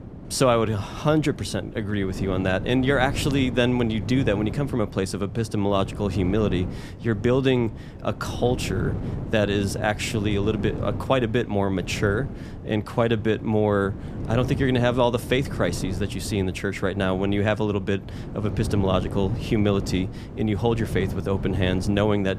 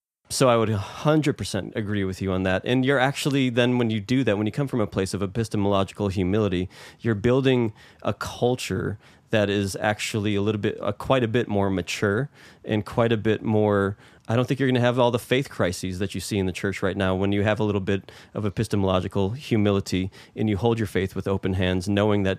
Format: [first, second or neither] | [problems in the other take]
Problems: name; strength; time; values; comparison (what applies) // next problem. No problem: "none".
second | wind noise on the microphone; occasional gusts; 15 dB below the speech